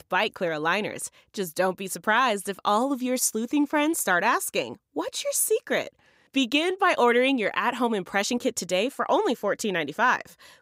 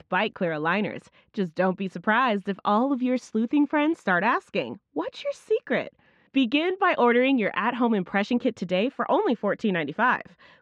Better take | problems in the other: first | muffled; very; fading above 3 kHz

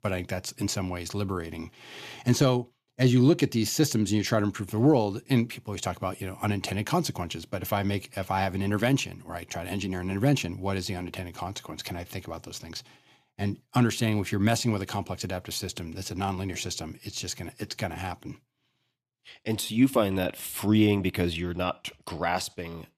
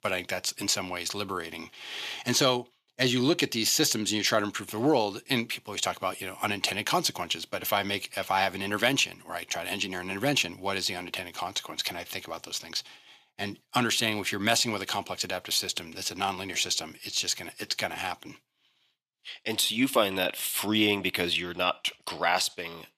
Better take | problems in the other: first | thin; somewhat; fading below 800 Hz

